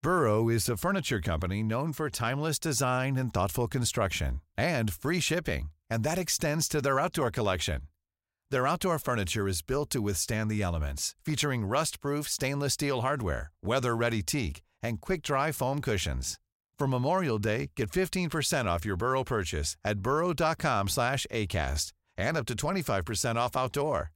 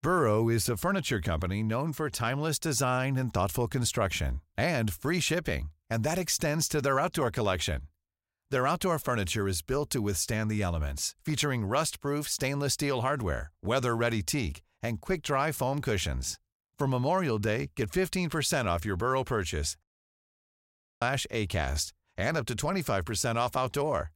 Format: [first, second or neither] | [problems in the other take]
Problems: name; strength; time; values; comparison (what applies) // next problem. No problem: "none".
first | audio cutting out; at 20 s for 1 s